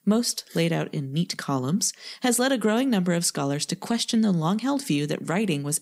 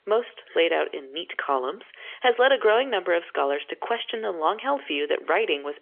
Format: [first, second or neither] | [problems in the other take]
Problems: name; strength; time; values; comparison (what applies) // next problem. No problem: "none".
first | phone-call audio; nothing above 3.5 kHz